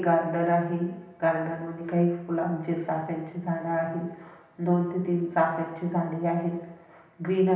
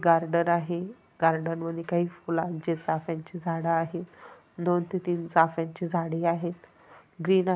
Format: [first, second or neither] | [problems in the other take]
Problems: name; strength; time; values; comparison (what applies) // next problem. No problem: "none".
second | room echo; dies away in 0.9 s